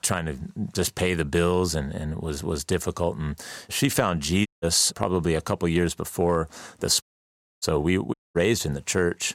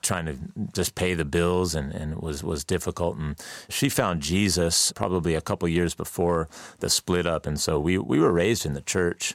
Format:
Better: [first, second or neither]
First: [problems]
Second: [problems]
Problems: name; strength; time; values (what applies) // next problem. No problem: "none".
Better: second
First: audio cutting out; at 4.5 s, at 7 s for 0.5 s and at 8 s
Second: none